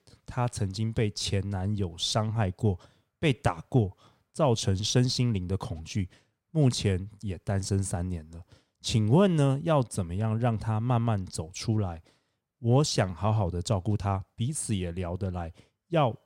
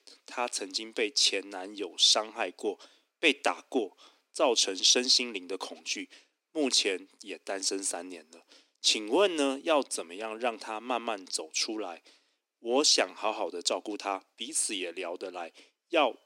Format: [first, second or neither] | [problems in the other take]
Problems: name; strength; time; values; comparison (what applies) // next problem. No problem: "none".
first | thin; somewhat; fading below 250 Hz